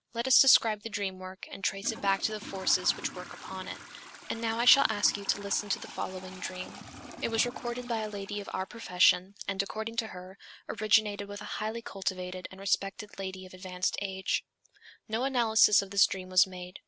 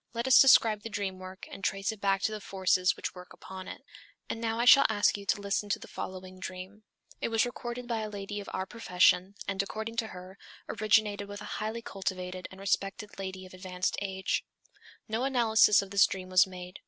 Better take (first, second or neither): second